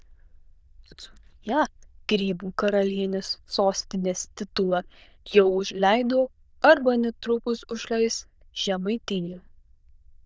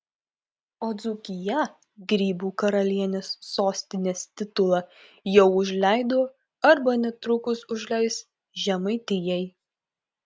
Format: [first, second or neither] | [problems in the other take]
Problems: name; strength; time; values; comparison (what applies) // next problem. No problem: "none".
second | noise reduction (neural diffusion model UNIVERSE++)